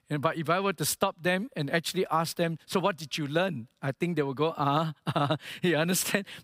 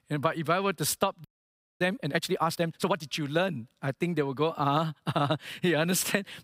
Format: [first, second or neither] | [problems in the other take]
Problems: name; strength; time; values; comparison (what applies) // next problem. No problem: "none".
first | audio freezing; at 1.5 s for 0.5 s